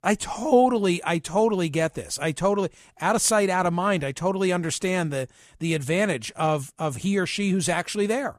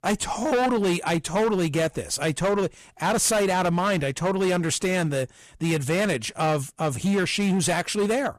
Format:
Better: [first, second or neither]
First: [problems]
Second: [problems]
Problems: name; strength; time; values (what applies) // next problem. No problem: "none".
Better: first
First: none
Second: distortion; heavy; 16% of the sound clipped